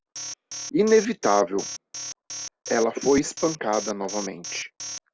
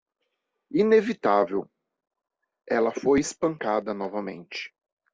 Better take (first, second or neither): second